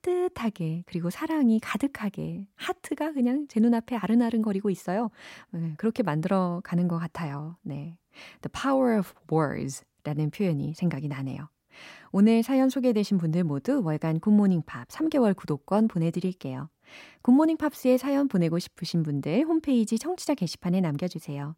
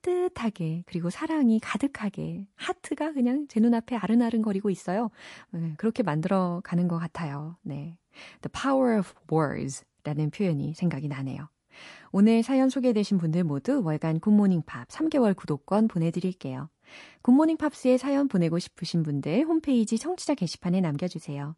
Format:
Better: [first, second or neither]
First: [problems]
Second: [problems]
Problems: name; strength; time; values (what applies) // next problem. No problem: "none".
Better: first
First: none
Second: garbled, watery; slightly; nothing above 11 kHz